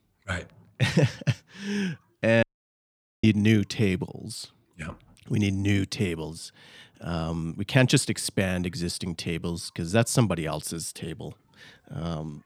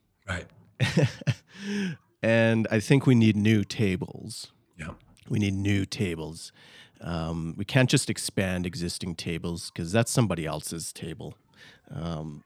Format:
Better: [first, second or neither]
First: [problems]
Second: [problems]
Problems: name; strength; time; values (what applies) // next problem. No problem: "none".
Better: second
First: audio cutting out; at 2.5 s for 1 s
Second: none